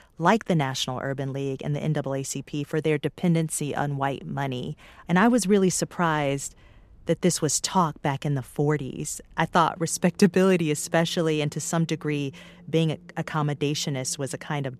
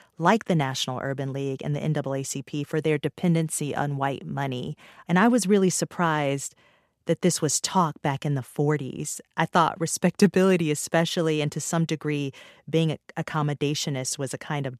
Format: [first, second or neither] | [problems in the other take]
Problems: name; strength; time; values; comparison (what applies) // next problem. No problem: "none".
second | wind in the background; faint; throughout; 30 dB below the speech